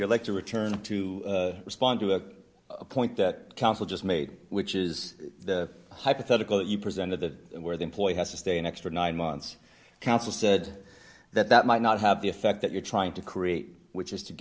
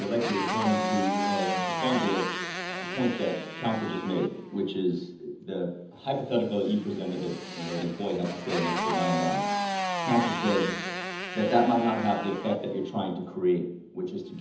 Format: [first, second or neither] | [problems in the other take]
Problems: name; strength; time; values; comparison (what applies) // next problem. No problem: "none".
first | background sound (Motorcycle); 4 dB below the speech // room echo; dies away in 0.8 s